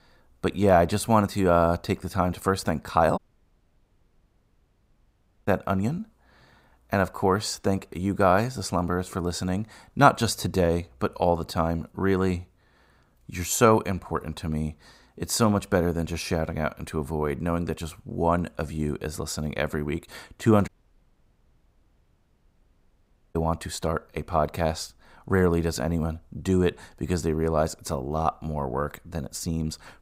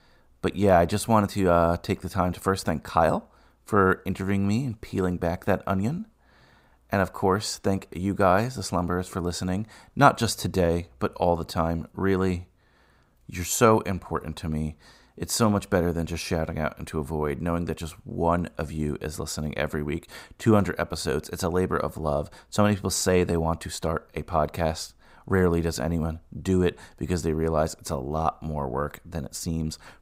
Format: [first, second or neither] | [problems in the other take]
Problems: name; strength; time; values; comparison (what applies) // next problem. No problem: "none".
second | audio cutting out; at 3 s for 2.5 s and at 21 s for 2.5 s